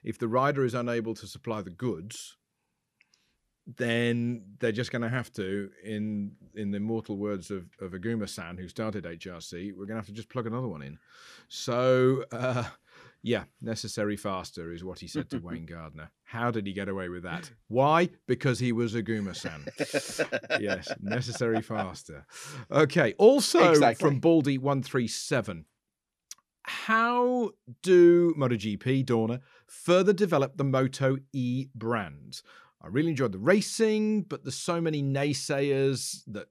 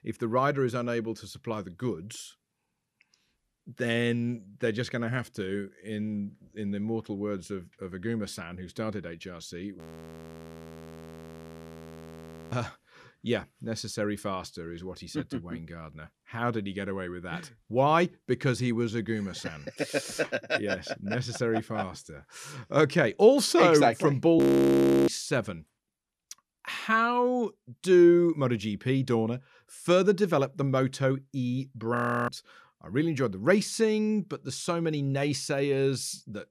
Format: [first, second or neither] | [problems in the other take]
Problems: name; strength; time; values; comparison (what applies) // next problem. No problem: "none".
first | audio freezing; at 10 s for 2.5 s, at 24 s for 0.5 s and at 32 s